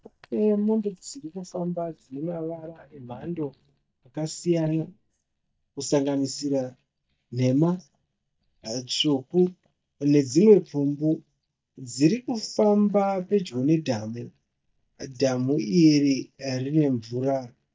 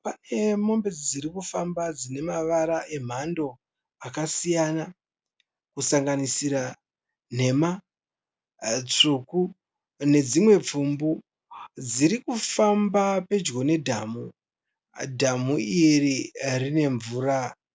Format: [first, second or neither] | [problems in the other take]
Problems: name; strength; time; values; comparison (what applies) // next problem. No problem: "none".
second | noise reduction (neural mask model DeepFilterNet 3)